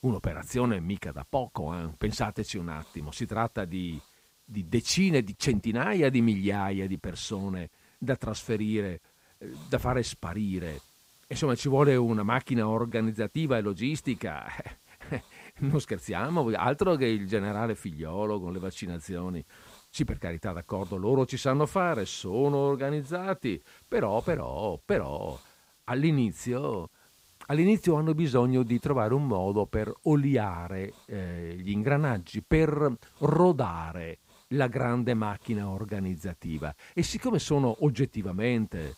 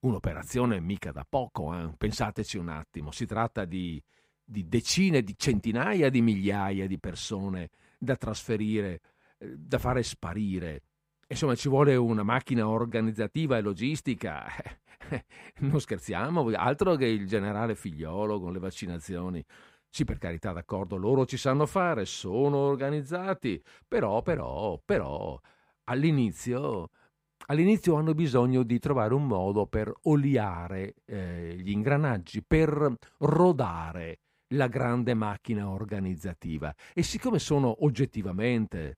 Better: second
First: hiss; faint; throughout; 30 dB below the speech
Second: none

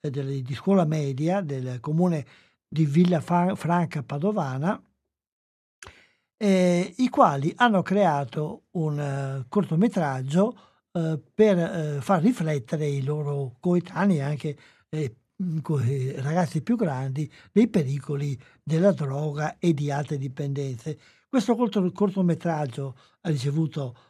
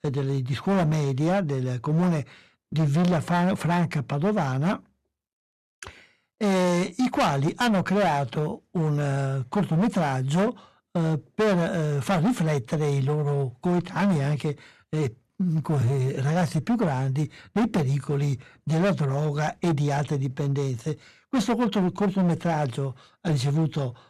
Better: first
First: none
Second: distortion; heavy; 15% of the sound clipped

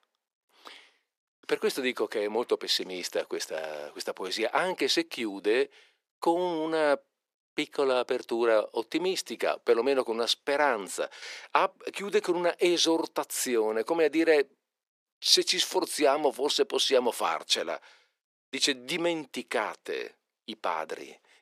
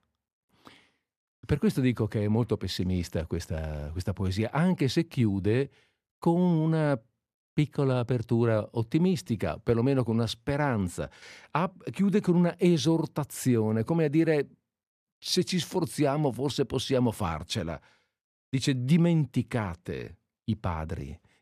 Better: second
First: thin; very; fading below 400 Hz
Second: none

